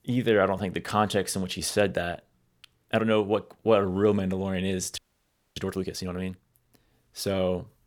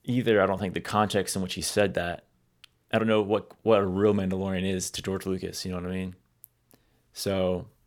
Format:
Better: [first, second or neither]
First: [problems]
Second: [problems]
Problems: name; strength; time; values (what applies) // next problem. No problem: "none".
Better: second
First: audio freezing; at 5 s for 0.5 s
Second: none